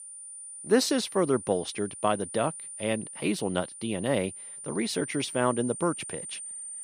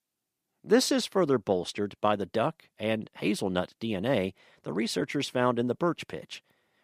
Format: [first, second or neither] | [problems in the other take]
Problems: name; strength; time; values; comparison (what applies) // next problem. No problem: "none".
second | high-pitched whine; loud; throughout; 9.5 kHz, 10 dB below the speech